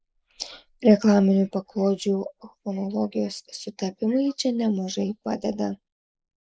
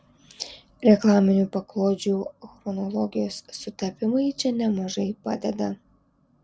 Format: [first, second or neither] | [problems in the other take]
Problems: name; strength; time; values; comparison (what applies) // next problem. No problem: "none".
second | noise reduction (neural mask model Resemble Enhance denoiser)